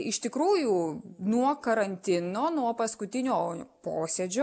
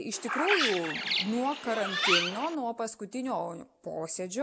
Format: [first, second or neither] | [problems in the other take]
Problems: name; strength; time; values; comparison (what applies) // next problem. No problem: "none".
first | background sound (Bird); 2 dB above the speech